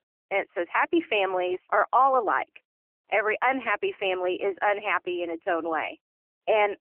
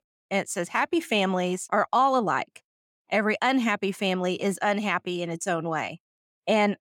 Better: second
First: phone-call audio; nothing above 3 kHz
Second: none

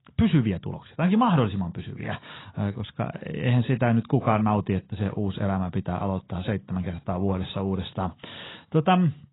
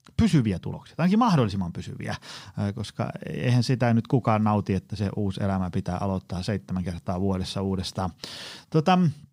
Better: second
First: garbled, watery; badly; nothing above 4 kHz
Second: none

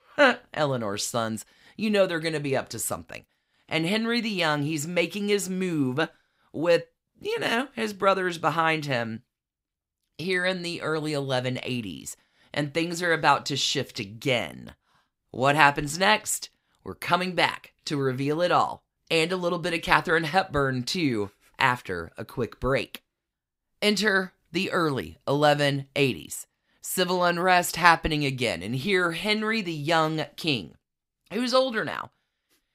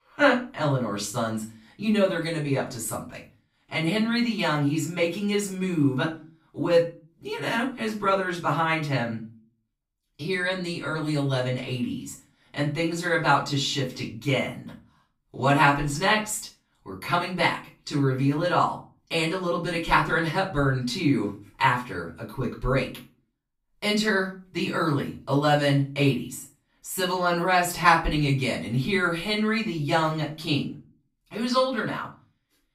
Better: first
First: none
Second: off-mic speech; far // room echo; slight; dies away in 0.3 s

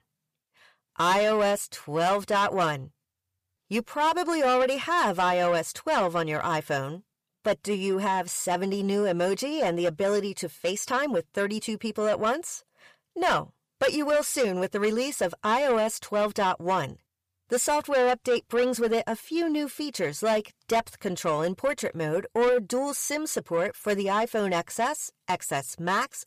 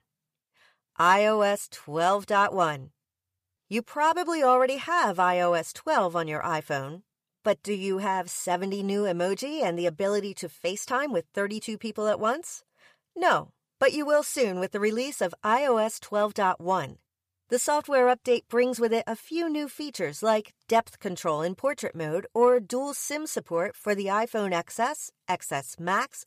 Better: second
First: distortion; slight; 10 dB below the speech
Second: none

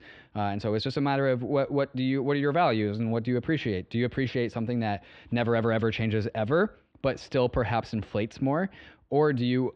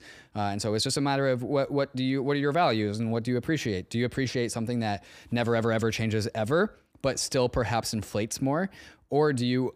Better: second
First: muffled; slightly; fading above 3.5 kHz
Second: none

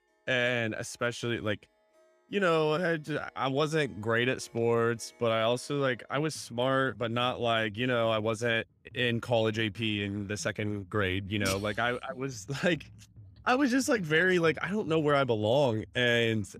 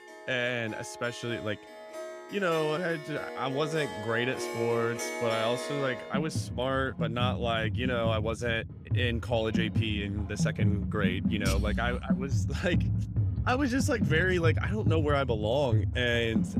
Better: first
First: background music; faint; throughout; 25 dB below the speech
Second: background music; loud; throughout; 2 dB below the speech

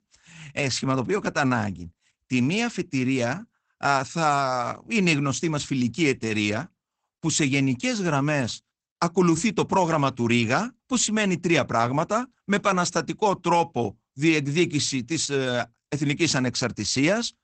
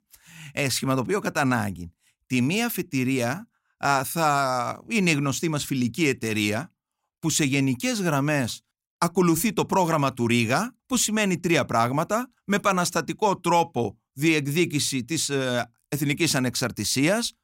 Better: second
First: garbled, watery; badly; nothing above 8 kHz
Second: none

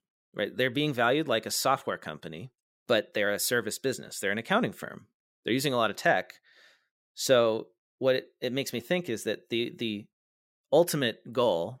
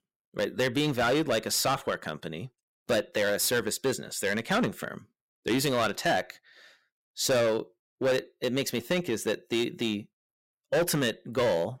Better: first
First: none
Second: distortion; heavy; 9% of the sound clipped

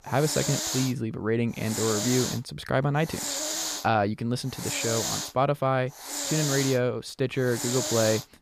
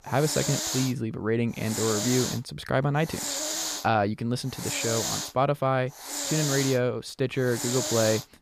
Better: neither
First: hiss; loud; throughout; 2 dB below the speech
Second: hiss; loud; throughout; 2 dB below the speech

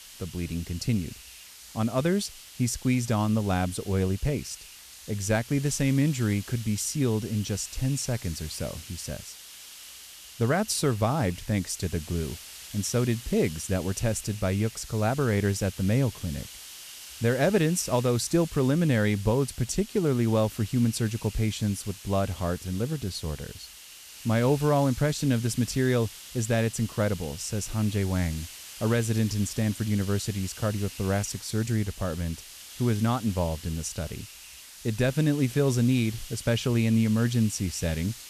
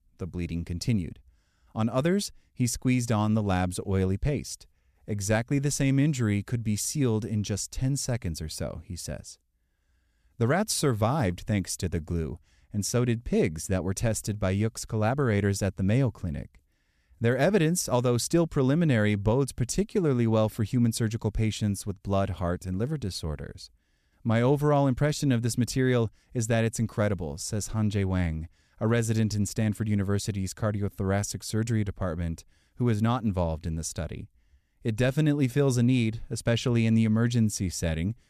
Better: second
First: hiss; noticeable; throughout; 15 dB below the speech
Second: none

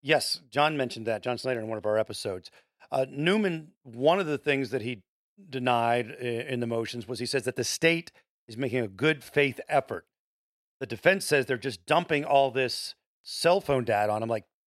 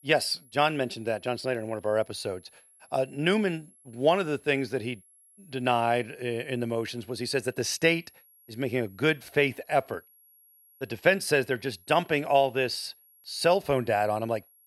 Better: first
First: none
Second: high-pitched whine; faint; throughout; 11.5 kHz, 30 dB below the speech

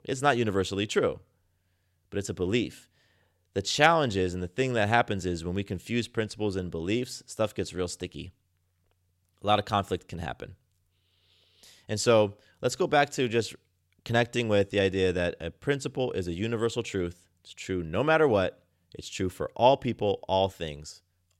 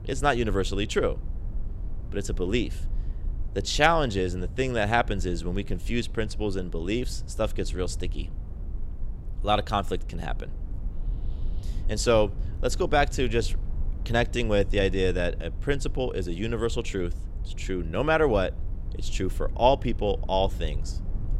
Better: first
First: none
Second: low rumble; faint; throughout; 25 dB below the speech

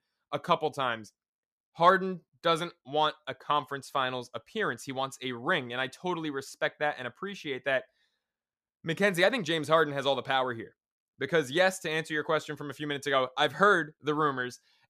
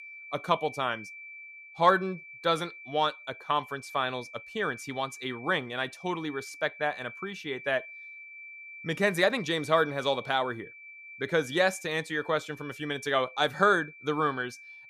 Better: first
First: none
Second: high-pitched whine; noticeable; throughout; 2.5 kHz, 15 dB below the speech

